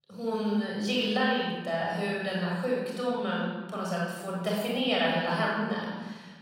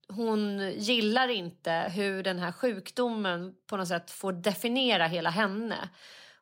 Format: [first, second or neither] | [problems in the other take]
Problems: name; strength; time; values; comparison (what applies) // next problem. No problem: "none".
second | room echo; strong; dies away in 1.4 s // off-mic speech; far